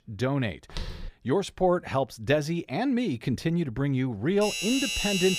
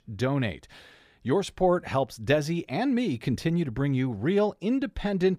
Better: second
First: footsteps; faint; at 0.5 s; peak 10 dB below the speech // doorbell; loud; at 4.5 s; peak level with the speech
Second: none

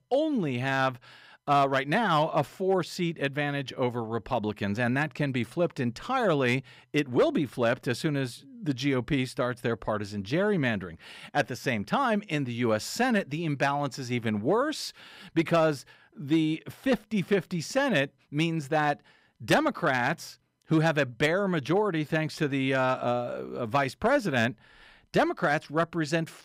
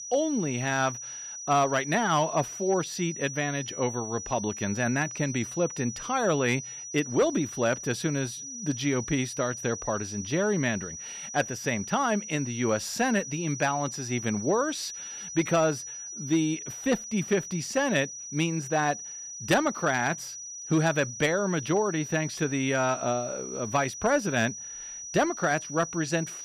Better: first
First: none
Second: high-pitched whine; loud; throughout; 6 kHz, 9 dB below the speech

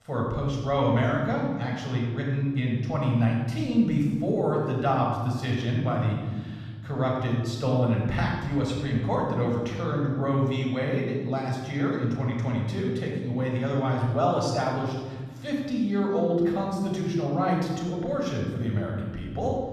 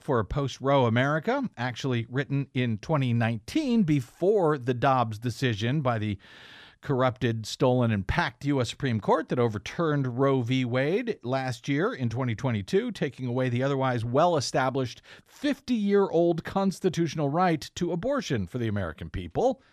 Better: second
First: off-mic speech; far // room echo; noticeable; dies away in 1.9 s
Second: none

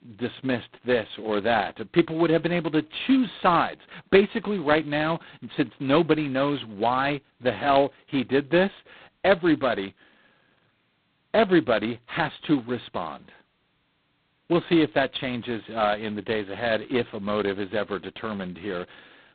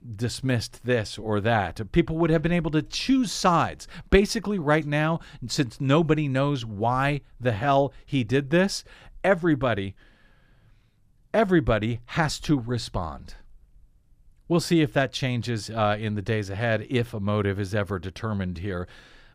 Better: second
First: phone-call audio; poor line; nothing above 4 kHz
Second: none

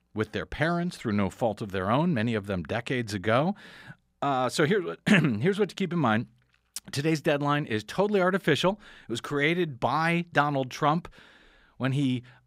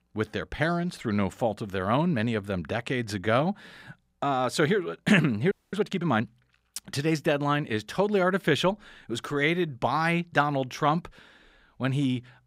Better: first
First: none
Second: audio freezing; at 5.5 s

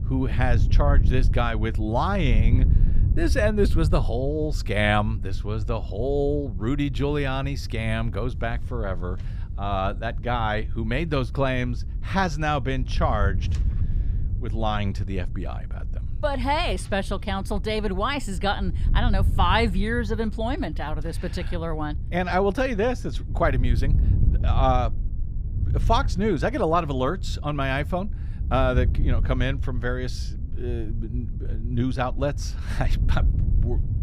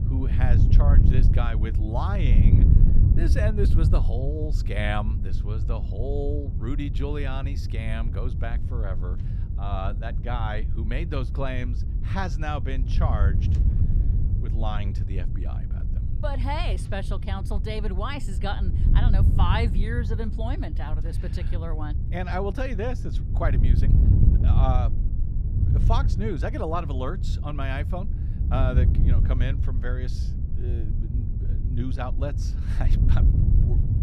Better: first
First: wind noise on the microphone; occasional gusts; 15 dB below the speech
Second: wind noise on the microphone; heavy; 7 dB below the speech

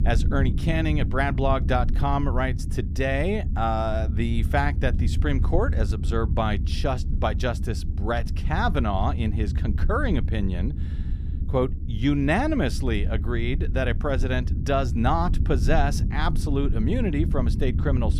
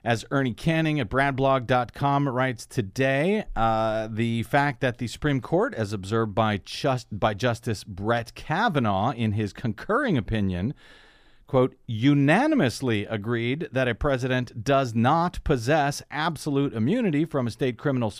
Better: second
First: low rumble; noticeable; throughout; 15 dB below the speech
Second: none

